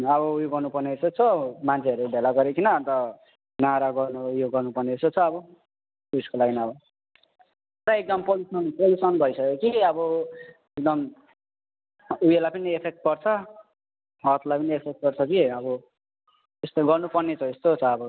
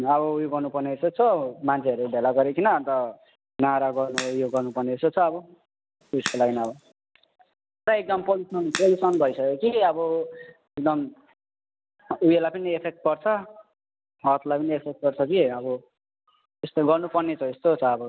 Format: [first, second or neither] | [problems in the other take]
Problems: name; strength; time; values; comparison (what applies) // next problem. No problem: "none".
first | background sound (Crack); 12 dB below the speech